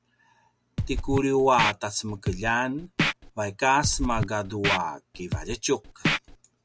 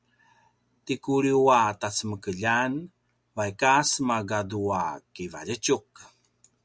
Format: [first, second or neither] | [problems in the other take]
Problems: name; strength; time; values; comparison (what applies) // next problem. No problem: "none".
second | background sound (Scratching (performance technique)); 3 dB below the speech